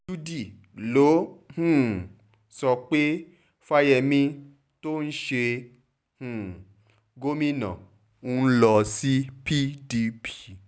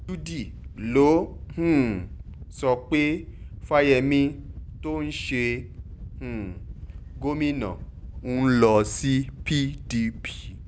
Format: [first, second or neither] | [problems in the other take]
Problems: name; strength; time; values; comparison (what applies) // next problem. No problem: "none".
first | background sound (Wind / Boat, Water vehicle); 14 dB below the speech